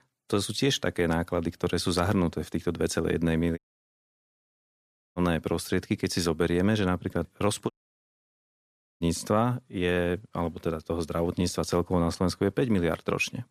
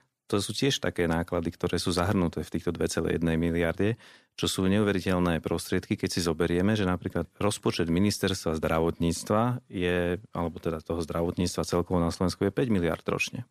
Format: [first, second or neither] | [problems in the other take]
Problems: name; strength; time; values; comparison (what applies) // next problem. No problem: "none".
second | audio cutting out; at 3.5 s for 1.5 s and at 7.5 s for 1.5 s